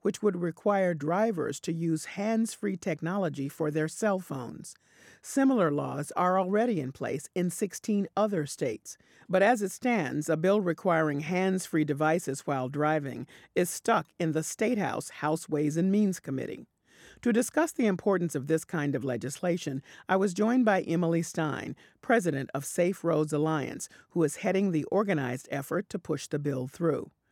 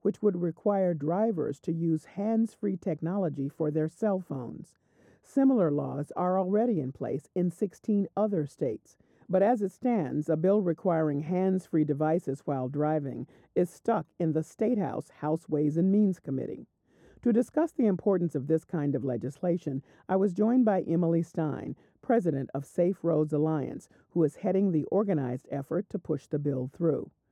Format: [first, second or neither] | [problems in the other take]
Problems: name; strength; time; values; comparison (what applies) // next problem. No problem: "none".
first | muffled; very; fading above 1 kHz